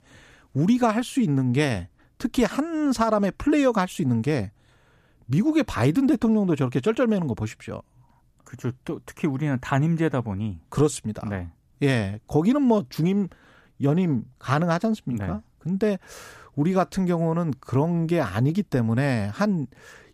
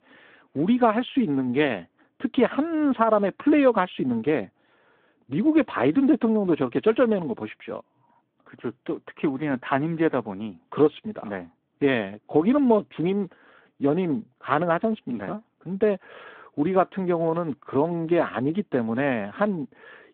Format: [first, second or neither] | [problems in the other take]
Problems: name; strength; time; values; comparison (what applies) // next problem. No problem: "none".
first | phone-call audio